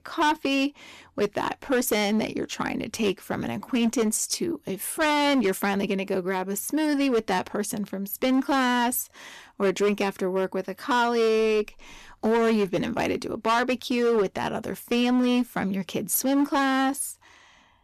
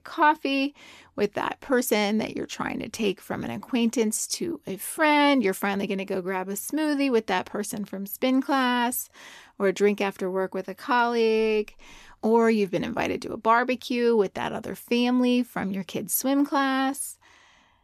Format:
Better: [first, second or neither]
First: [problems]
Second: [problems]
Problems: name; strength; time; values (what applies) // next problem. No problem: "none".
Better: second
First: distortion; slight; 10% of the sound clipped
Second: none